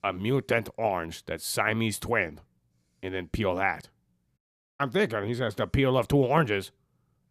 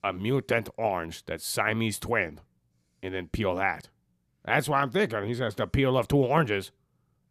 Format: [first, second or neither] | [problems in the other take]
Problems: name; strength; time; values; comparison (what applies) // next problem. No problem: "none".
second | audio cutting out; at 4.5 s